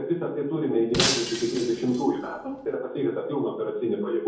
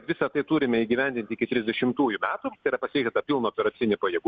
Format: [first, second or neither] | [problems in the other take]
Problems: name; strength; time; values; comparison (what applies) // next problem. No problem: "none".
second | background sound (Shatter); 4 dB below the speech // room echo; dies away in 0.7 s